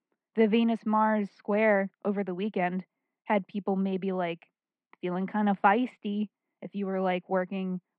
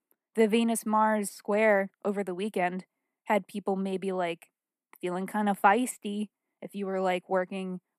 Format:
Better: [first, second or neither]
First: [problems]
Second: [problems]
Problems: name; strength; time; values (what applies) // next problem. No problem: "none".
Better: second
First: muffled; very; fading above 3.5 kHz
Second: none